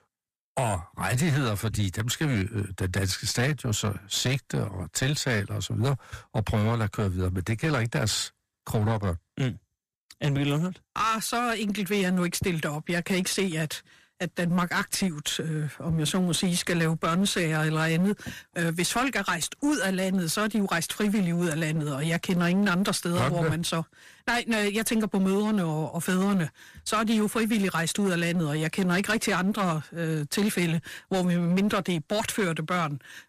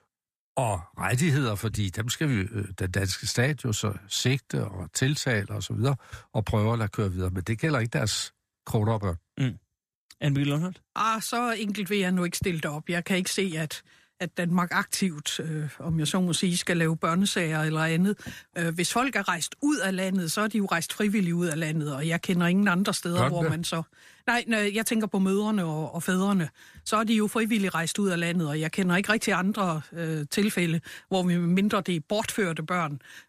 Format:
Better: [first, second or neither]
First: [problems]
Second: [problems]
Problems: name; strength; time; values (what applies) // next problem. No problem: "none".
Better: second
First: distortion; slight; 13% of the sound clipped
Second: none